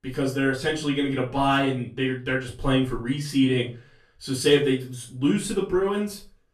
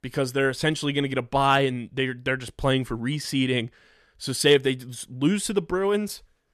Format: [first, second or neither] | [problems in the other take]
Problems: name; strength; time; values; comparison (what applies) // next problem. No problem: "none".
second | off-mic speech; far // room echo; slight; dies away in 0.3 s